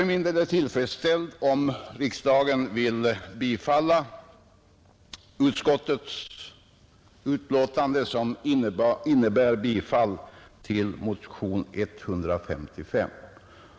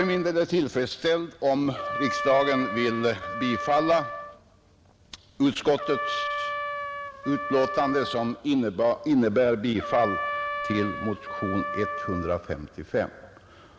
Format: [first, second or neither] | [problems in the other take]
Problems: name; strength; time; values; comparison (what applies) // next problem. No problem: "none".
first | background sound (Trumpet); 7 dB below the speech